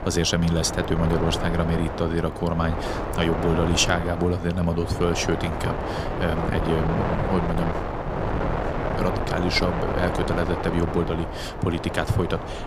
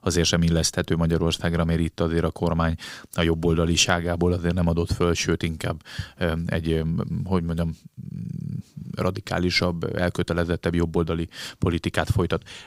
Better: second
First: wind noise on the microphone; heavy; 2 dB below the speech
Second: none

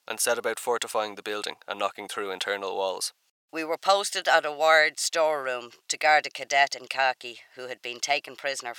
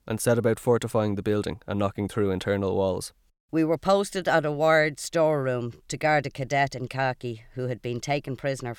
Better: second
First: thin; very; fading below 800 Hz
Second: none

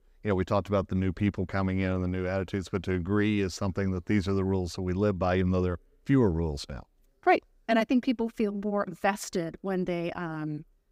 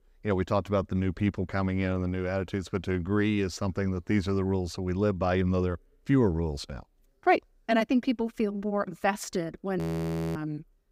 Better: first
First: none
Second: audio freezing; at 10 s for 0.5 s

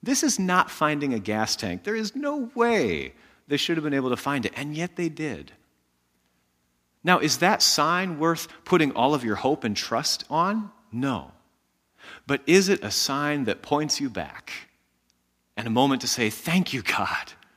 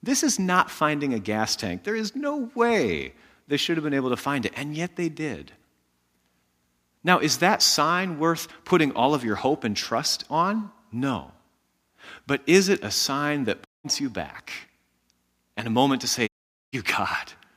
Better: first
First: none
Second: audio cutting out; at 14 s and at 16 s

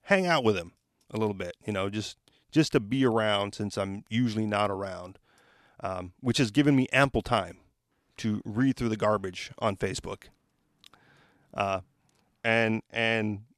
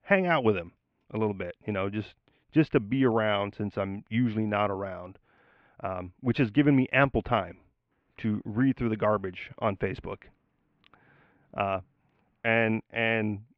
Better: first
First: none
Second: muffled; very; fading above 2.5 kHz

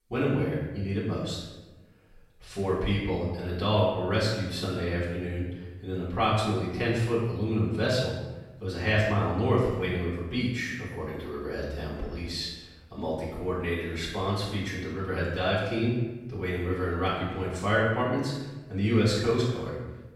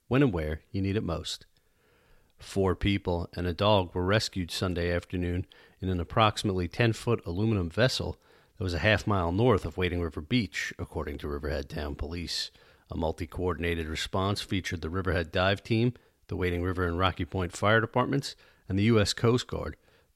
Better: second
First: off-mic speech; far // room echo; noticeable; dies away in 0.9 s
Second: none

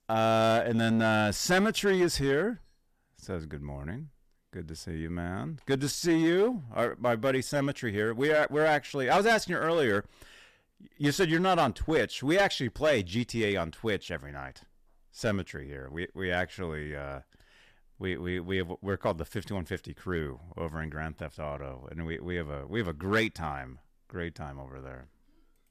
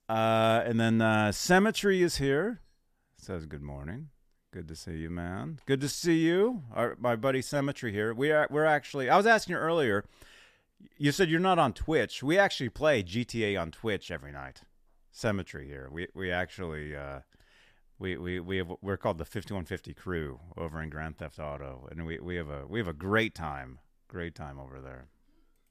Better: second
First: distortion; slight; 3% of the sound clipped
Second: none

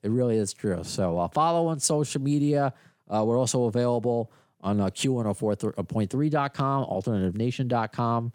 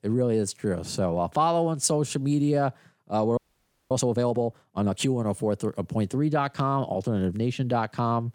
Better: first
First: none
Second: audio freezing; at 3.5 s for 0.5 s

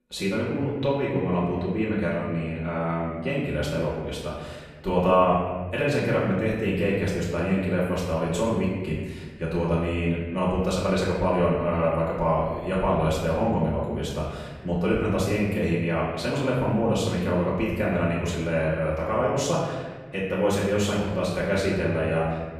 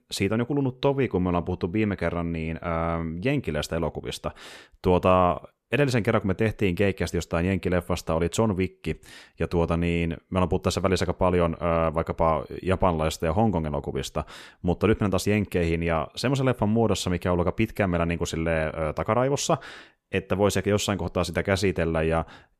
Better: second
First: off-mic speech; far // room echo; noticeable; dies away in 1.4 s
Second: none

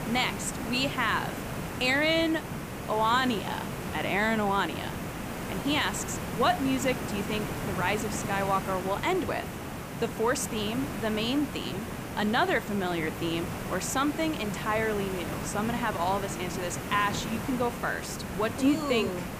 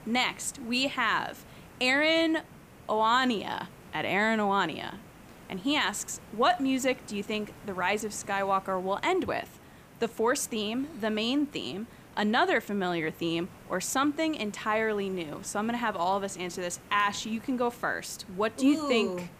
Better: second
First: hiss; loud; throughout; 6 dB below the speech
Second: hiss; faint; throughout; 20 dB below the speech

